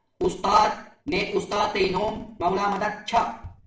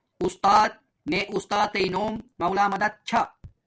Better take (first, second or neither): second